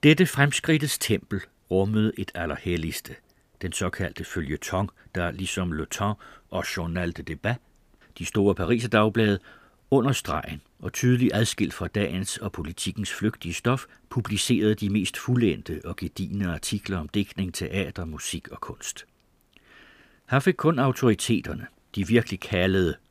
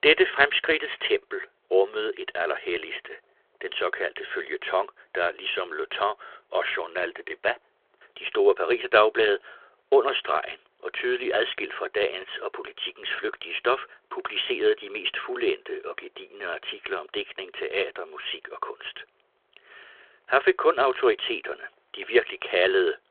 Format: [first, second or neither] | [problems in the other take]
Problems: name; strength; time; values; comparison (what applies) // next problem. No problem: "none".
first | phone-call audio